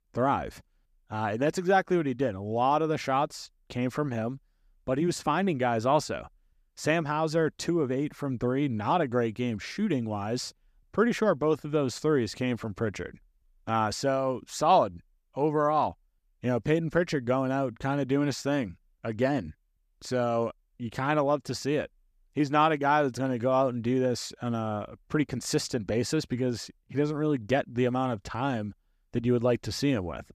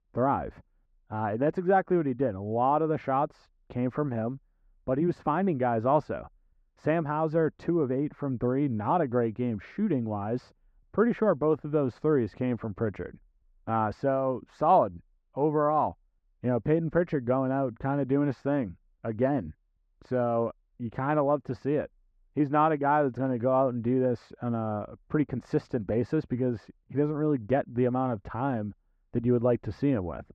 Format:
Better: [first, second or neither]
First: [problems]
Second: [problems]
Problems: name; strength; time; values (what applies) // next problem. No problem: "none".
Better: first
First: none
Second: muffled; very; fading above 3.5 kHz